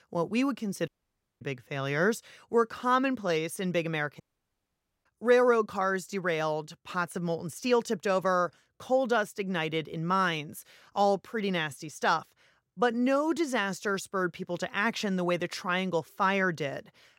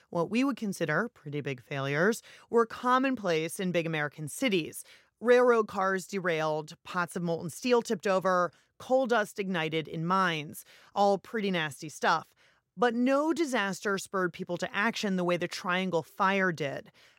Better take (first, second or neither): second